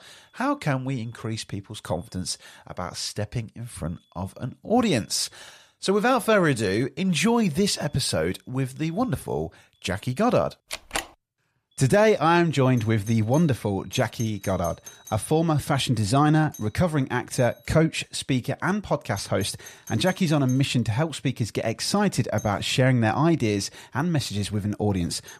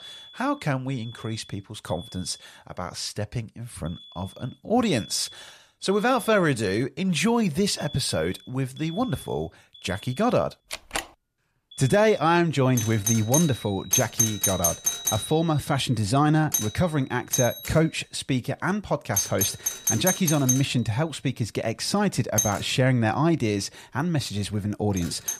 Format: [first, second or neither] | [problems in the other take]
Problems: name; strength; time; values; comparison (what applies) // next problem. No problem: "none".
first | alarms or sirens; loud; throughout; 1 dB below the speech; faint in the first